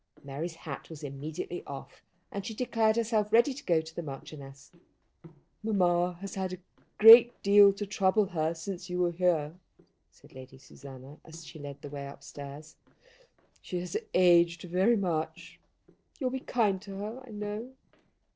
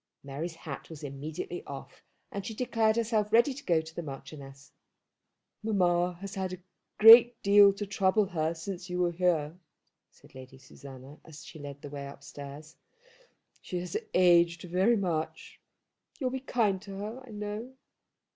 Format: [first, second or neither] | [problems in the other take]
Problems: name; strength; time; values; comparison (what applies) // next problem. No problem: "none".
second | noise reduction (neural separator model SepFormer DNS4)